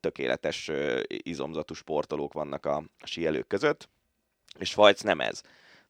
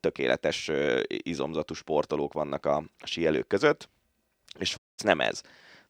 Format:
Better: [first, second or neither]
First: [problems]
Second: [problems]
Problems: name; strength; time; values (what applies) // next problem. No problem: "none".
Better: first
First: none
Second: audio cutting out; at 5 s